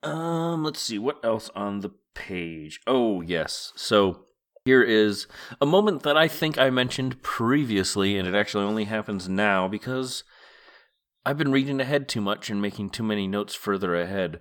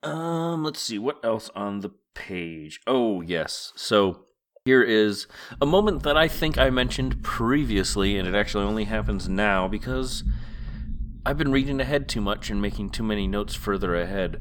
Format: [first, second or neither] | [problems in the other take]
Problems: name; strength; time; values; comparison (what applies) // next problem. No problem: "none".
first | low rumble; faint; from 5.5 s on; 25 dB below the speech